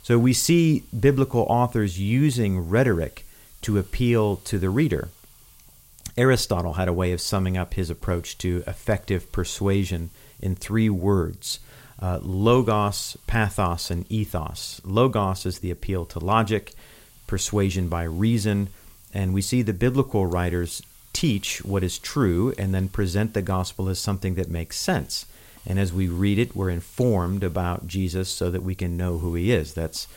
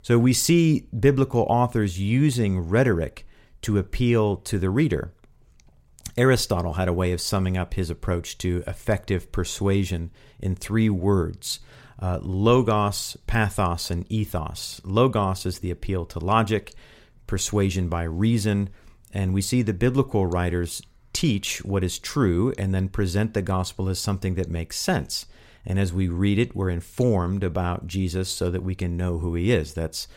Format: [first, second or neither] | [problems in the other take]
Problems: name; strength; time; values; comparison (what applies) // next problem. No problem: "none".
second | hiss; faint; throughout; 25 dB below the speech